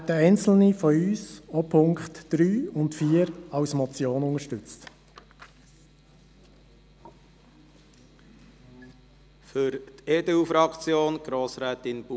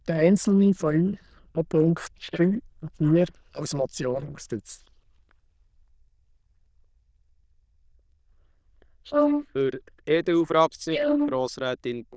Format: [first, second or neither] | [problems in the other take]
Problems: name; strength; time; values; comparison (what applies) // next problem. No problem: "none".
first | noise reduction (neural diffusion model UNIVERSE++)